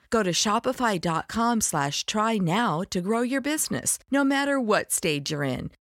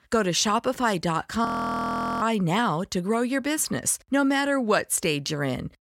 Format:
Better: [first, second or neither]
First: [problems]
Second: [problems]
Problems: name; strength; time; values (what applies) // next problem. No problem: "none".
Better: first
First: none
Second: audio freezing; at 1.5 s for 1 s